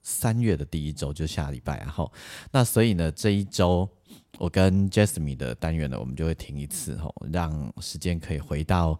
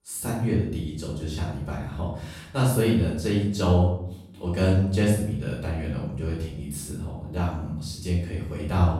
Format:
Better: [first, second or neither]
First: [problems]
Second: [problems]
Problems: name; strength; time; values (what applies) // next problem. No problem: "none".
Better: first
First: none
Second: off-mic speech; far // room echo; noticeable; dies away in 0.7 s